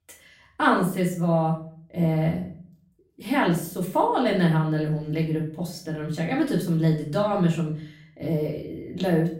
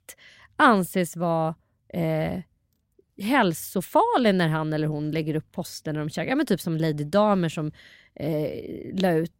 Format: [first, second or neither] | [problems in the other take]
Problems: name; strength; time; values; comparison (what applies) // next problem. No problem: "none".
second | off-mic speech; far // room echo; slight; dies away in 0.4 s